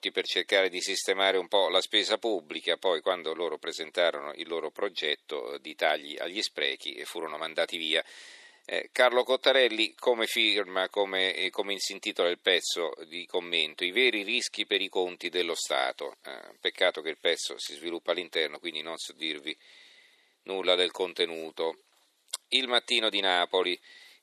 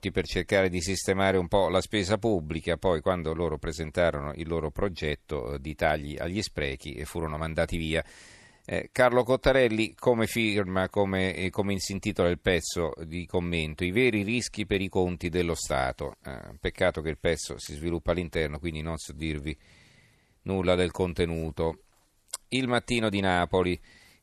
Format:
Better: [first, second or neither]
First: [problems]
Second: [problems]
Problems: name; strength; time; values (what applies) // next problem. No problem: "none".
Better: second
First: thin; somewhat; fading below 350 Hz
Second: none